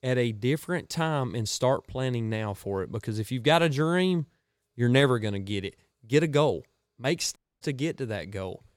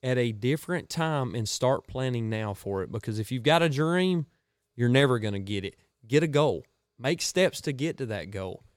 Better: second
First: audio cutting out; at 7.5 s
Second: none

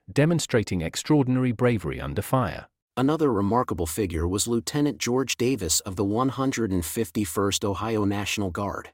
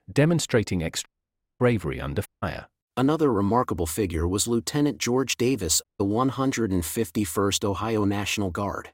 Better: first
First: none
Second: audio cutting out; at 1 s for 0.5 s, at 2.5 s and at 6 s

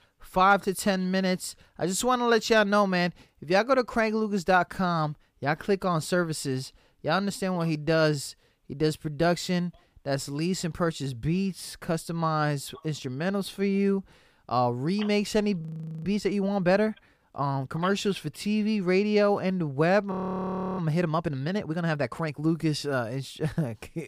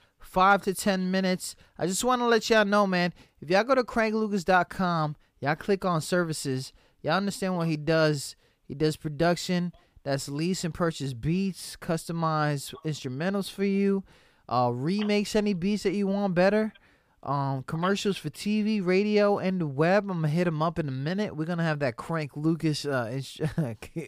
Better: second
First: audio freezing; at 16 s and at 20 s for 0.5 s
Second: none

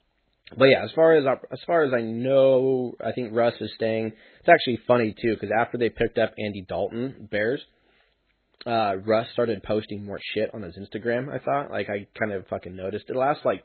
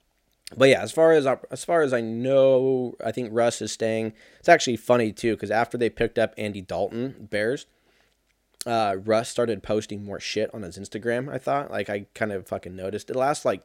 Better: second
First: garbled, watery; badly; nothing above 4 kHz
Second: none

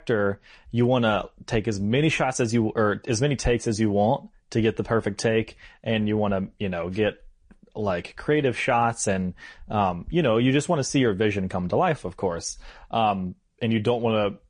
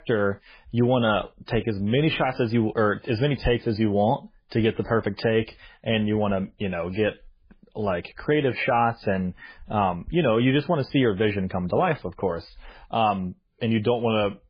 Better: first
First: garbled, watery; slightly; nothing above 10 kHz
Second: garbled, watery; badly

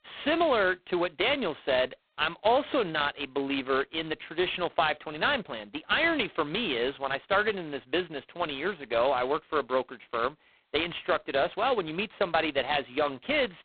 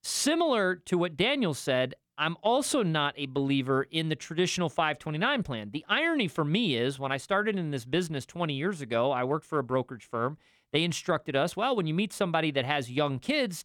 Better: second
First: phone-call audio; poor line; nothing above 4 kHz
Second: none

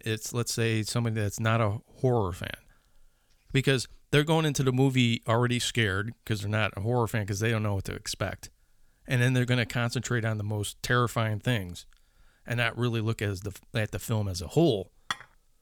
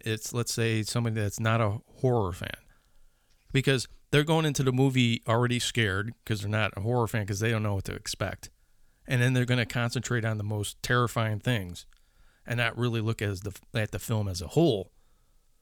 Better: second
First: clattering dishes; noticeable; at 15 s; peak 8 dB below the speech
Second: none

